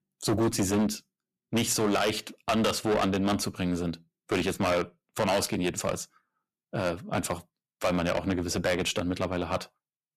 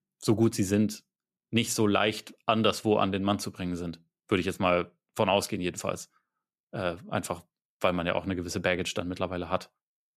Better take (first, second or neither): second